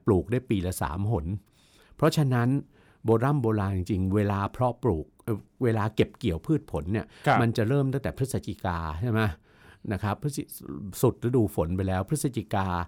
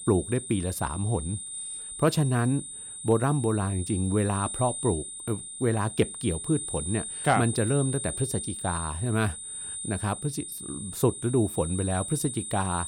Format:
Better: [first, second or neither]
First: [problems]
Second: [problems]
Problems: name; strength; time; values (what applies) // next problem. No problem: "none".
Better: first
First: none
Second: high-pitched whine; loud; throughout; 9 kHz, 6 dB below the speech